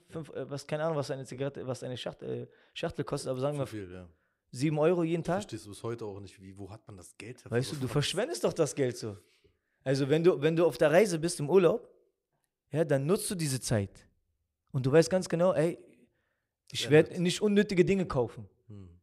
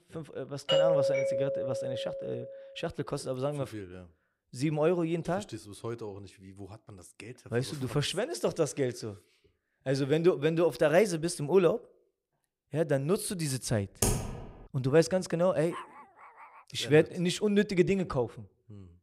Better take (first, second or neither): first